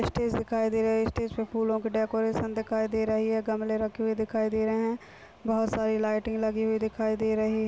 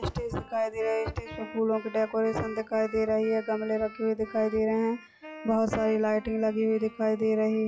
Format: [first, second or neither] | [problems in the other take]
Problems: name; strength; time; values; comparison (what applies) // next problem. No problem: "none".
first | noise reduction (classical method log-MMSE)